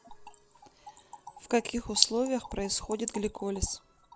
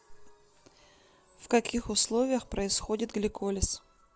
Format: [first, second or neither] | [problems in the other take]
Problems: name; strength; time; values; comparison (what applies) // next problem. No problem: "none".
second | background sound (Trickle, dribble / Splash, splatter); 5 dB below the speech